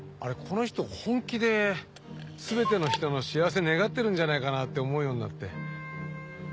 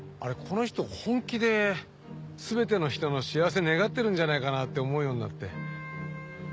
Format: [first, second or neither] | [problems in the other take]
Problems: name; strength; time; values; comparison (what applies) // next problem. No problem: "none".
second | background sound (Clock); 11 dB below the speech